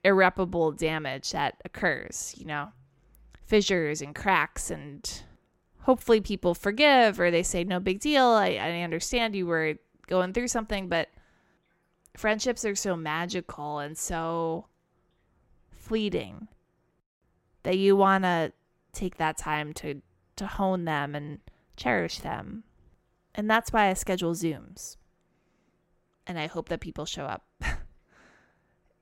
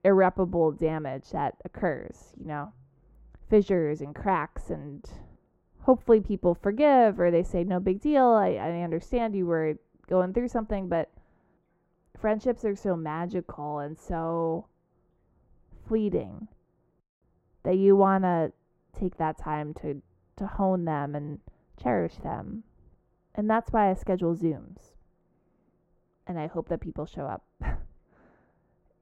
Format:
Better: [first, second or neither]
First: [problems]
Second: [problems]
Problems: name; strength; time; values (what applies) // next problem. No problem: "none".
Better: first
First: none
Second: muffled; very; fading above 2 kHz